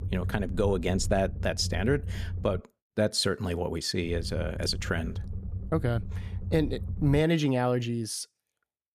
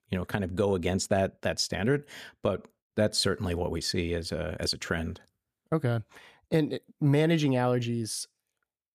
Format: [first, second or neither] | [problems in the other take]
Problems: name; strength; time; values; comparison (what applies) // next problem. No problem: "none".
second | low rumble; noticeable; until 2.5 s and from 4 to 7 s; 20 dB below the speech